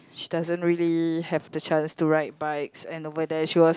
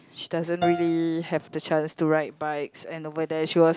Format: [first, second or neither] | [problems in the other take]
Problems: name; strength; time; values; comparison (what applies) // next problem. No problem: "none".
first | background sound (Piano); 12 dB below the speech